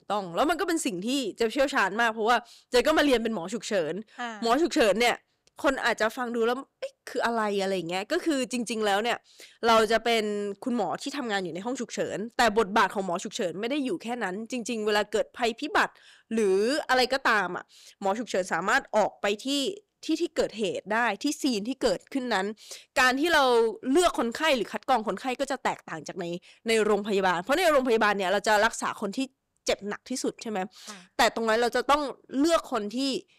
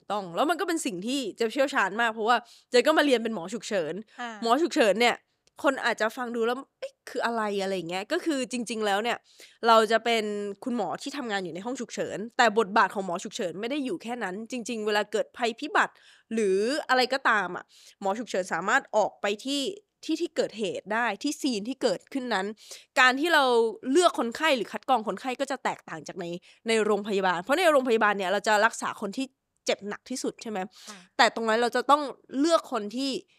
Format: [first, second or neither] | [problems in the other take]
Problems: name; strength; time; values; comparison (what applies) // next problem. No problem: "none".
second | distortion; slight; 4% of the sound clipped